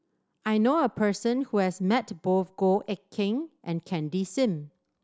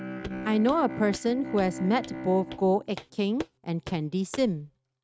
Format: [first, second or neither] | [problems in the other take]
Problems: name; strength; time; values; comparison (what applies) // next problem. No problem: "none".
first | noise reduction (neural mask model RNNoise)